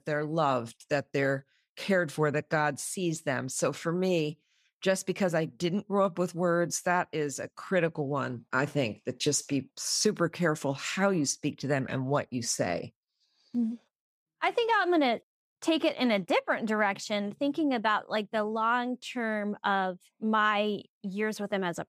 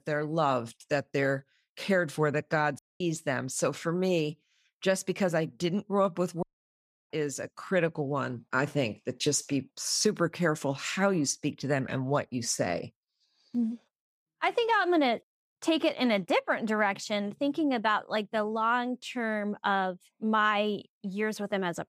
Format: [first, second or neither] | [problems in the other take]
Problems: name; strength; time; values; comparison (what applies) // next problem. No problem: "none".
first | audio cutting out; at 3 s and at 6.5 s for 0.5 s